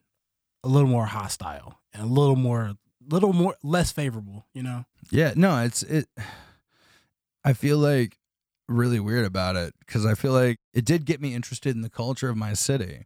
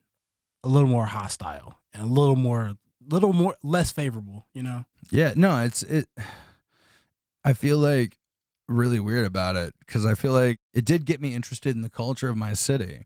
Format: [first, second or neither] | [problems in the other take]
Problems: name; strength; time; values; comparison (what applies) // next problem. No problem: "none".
first | garbled, watery; slightly